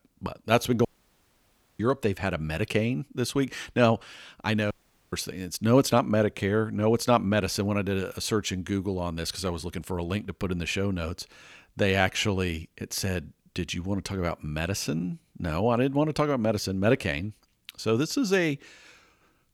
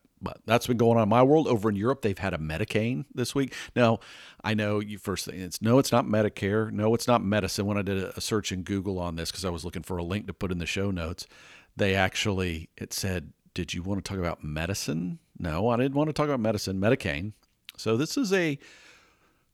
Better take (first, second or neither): second